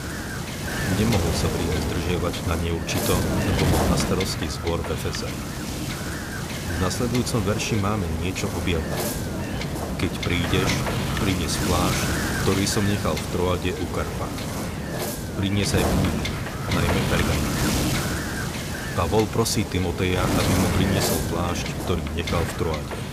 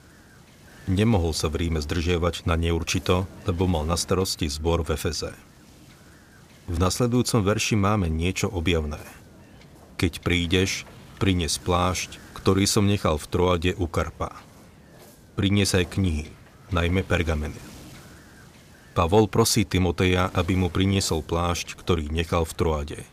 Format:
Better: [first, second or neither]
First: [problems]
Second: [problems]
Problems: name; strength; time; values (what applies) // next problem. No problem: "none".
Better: second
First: wind noise on the microphone; heavy; as loud as the speech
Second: wind noise on the microphone; occasional gusts; 25 dB below the speech